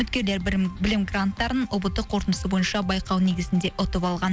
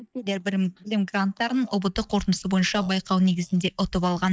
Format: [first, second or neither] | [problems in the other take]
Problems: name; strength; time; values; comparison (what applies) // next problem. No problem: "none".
first | noise reduction (neural mask model DeepFilterNet 3)